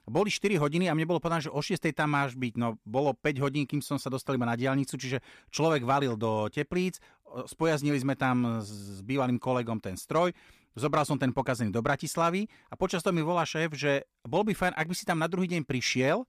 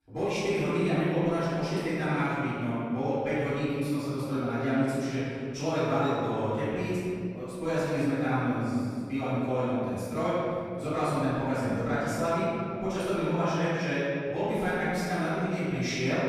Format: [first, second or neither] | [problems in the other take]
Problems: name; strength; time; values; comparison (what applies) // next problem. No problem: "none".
first | off-mic speech; far // room echo; strong; dies away in 2.4 s